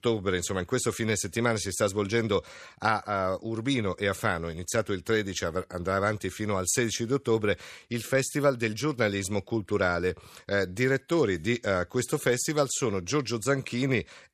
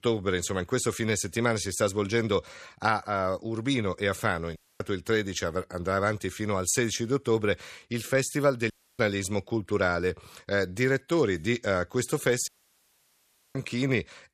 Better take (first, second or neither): first